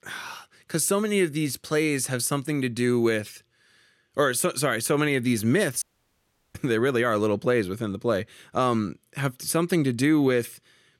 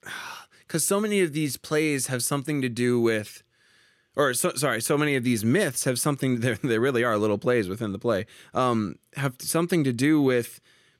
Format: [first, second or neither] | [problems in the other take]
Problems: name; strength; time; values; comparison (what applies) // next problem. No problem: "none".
second | audio cutting out; at 6 s for 0.5 s